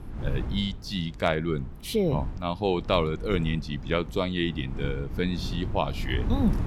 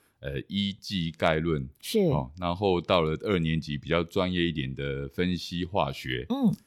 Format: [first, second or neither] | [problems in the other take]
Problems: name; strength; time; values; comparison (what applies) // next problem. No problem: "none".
second | wind noise on the microphone; occasional gusts; 15 dB below the speech